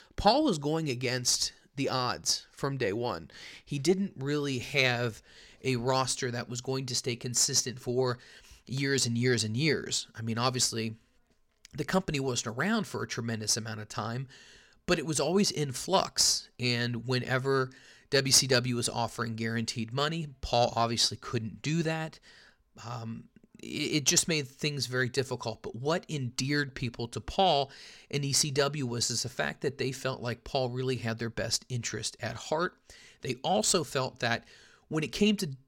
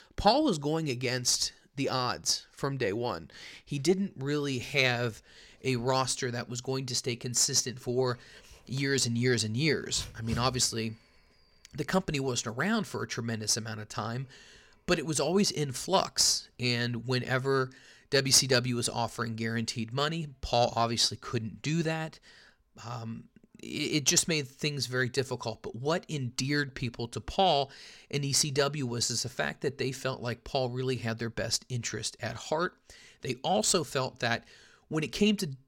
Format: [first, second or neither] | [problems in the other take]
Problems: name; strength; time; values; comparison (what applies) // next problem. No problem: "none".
first | dog barking; faint; at 10 s; peak 10 dB below the speech